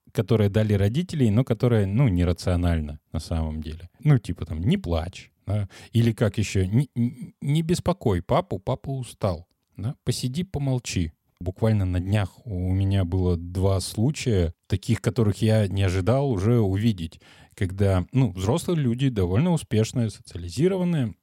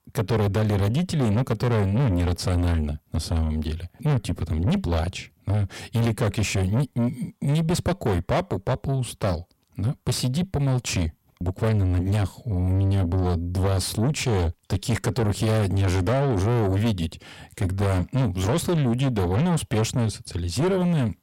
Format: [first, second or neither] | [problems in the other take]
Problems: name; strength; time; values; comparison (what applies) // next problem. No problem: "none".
first | distortion; heavy; 7 dB below the speech